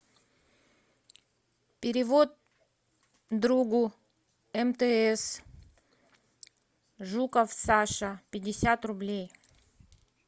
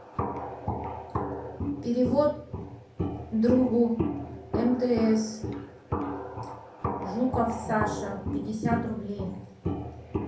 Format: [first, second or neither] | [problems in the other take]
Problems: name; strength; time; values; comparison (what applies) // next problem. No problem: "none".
first | background sound (Walk, footsteps); 4 dB below the speech // room echo; dies away in 0.5 s